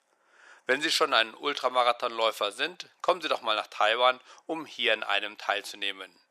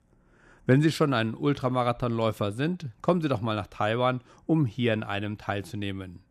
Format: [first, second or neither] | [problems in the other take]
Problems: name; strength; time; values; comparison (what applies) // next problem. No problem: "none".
second | thin; very; fading below 550 Hz